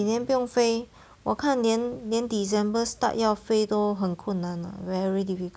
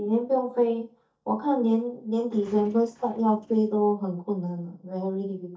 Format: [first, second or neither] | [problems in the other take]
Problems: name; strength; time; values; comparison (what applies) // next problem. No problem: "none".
first | noise reduction (neural mask model DeepFilterNet 3)